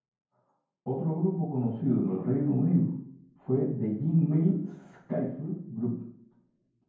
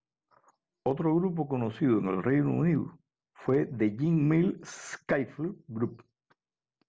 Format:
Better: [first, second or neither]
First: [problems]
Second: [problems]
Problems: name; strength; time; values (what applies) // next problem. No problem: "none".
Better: second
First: room echo; dies away in 0.9 s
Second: none